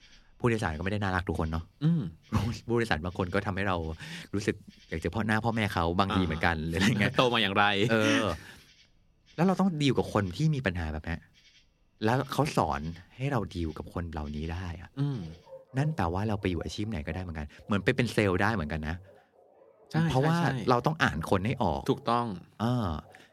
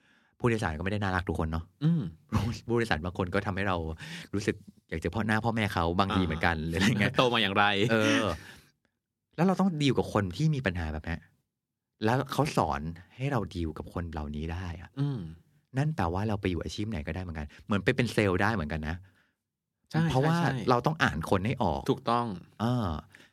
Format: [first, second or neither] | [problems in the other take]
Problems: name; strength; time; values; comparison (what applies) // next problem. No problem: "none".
second | animal sounds; faint; throughout; 30 dB below the speech